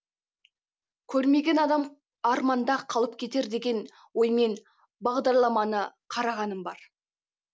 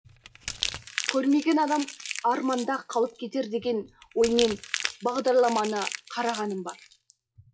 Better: first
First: none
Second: noise reduction (classical method WPE with log-MMSE)

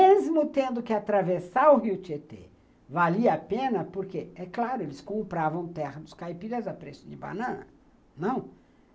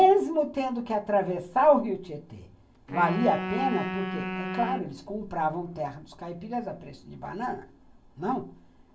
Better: first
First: none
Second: background sound (Wind instrument, woodwind instrument); 7 dB below the speech // room echo; dies away in 0.2 s

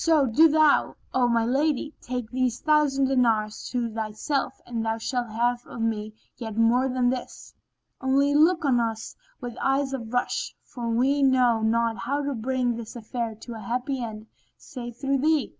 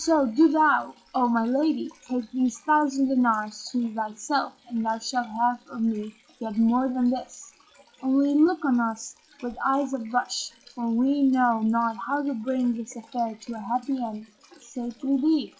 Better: first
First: none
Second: noise reduction (classical method log-MMSE)

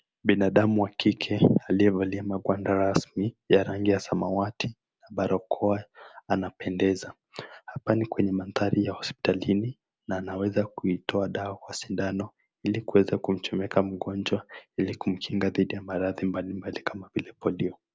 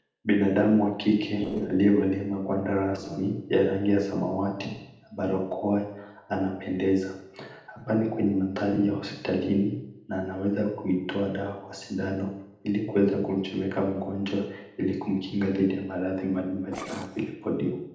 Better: first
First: none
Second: noise reduction (neural separator model SepFormer DNS4)

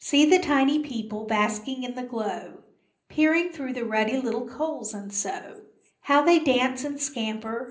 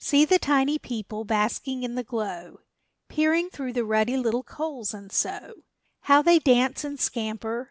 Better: second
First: room echo; dies away in 0.5 s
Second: none

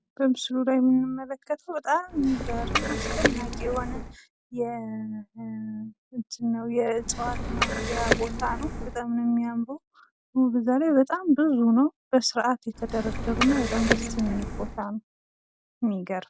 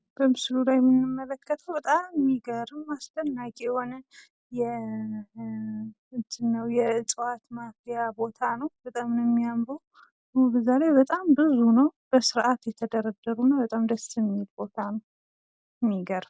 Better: second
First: background sound (Liquid); 2 dB below the speech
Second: none

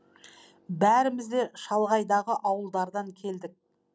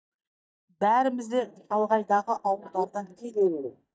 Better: first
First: none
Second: noise reduction (neural mask model DeepFilterNet 3)

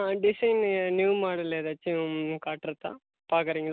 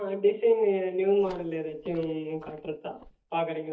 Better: first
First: none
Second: noise reduction (neural mask model DeepFilterNet 3)

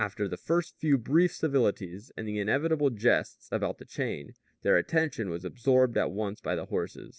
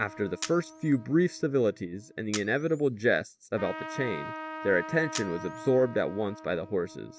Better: first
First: none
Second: background sound (Camera + Trumpet); 13 dB below the speech

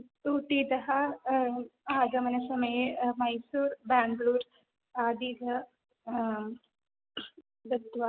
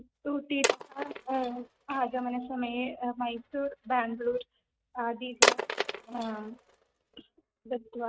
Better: first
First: none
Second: noise reduction (neural mask model RNNoise)

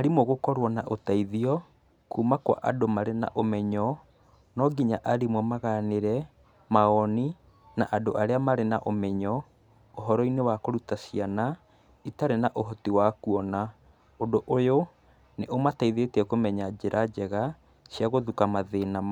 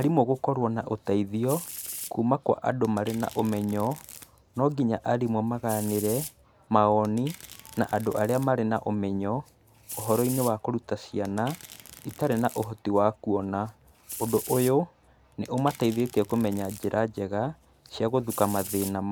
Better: first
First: none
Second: background sound (Domestic sounds, home sounds); 17 dB below the speech

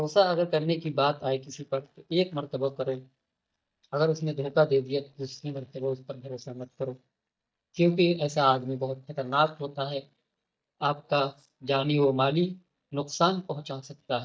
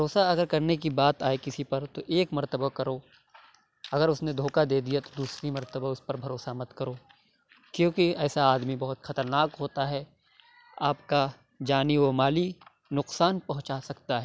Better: second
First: noise reduction (neural mask model DeepFilterNet 3)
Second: none

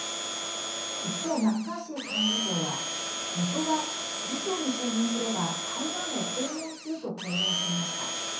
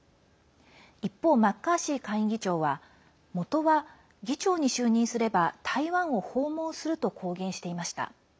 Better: second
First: background sound (Domestic sounds, home sounds); as loud as the speech // room echo; dies away in 0.6 s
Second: none

